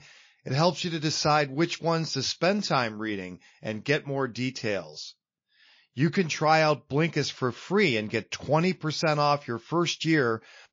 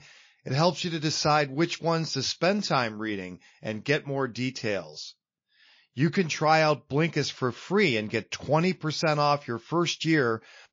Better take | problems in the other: neither | garbled, watery; slightly; nothing above 6.5 kHz; the same in both

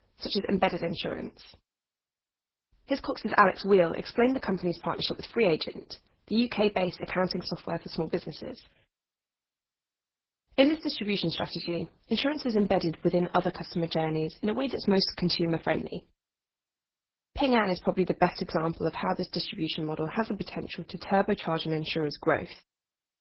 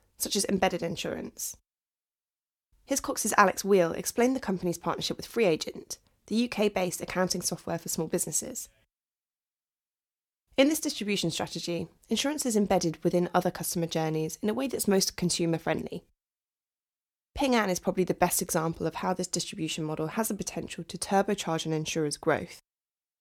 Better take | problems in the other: second | garbled, watery; badly; nothing above 5.5 kHz

